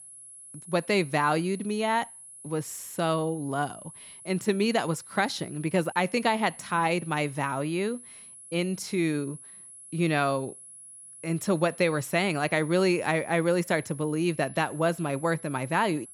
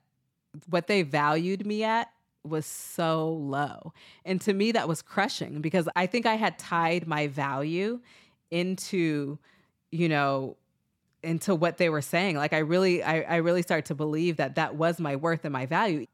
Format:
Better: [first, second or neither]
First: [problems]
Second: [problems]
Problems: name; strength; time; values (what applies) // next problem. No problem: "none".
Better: second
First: high-pitched whine; noticeable; throughout; 10.5 kHz, 15 dB below the speech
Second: none